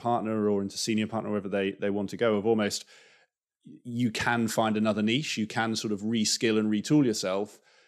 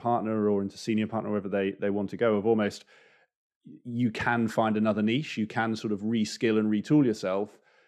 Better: first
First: none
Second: muffled; slightly; fading above 3.5 kHz

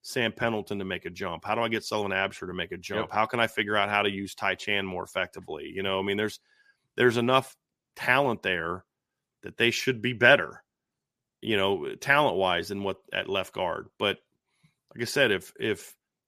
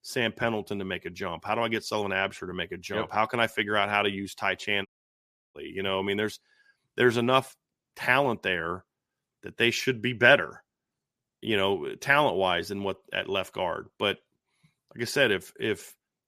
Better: first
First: none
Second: audio cutting out; at 5 s for 0.5 s

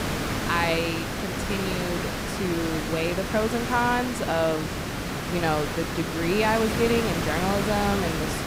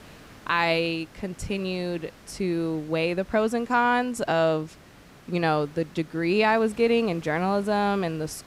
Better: second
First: hiss; loud; throughout; 2 dB below the speech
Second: hiss; faint; throughout; 25 dB below the speech

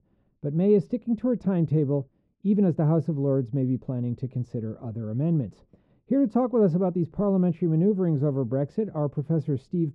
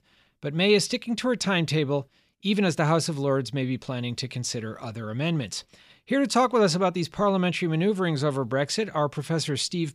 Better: second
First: muffled; very; fading above 1.5 kHz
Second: none

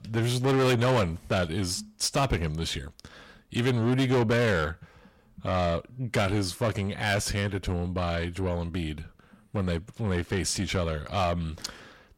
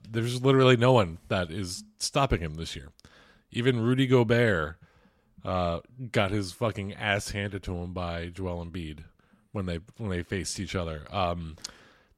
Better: second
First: distortion; heavy; 6 dB below the speech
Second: none

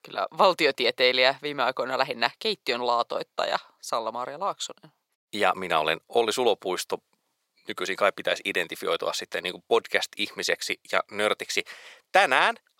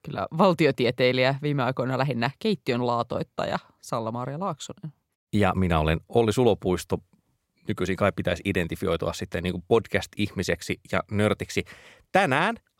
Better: second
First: thin; very; fading below 550 Hz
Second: none

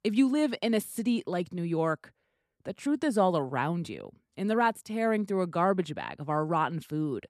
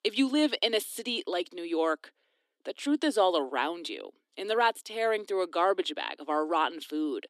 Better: first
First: none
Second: thin; very slightly; fading below 300 Hz

